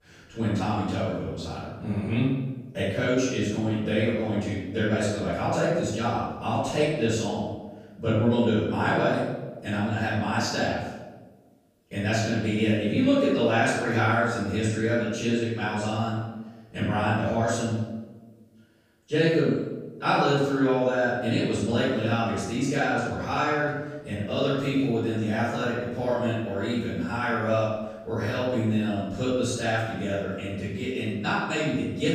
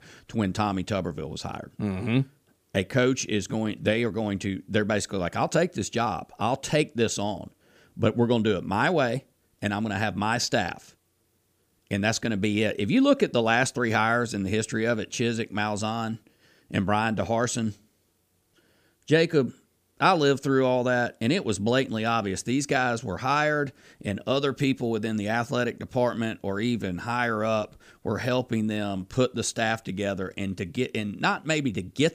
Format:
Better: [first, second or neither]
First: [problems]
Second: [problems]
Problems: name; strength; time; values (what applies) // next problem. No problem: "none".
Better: second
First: off-mic speech; far // room echo; strong; dies away in 1 s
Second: none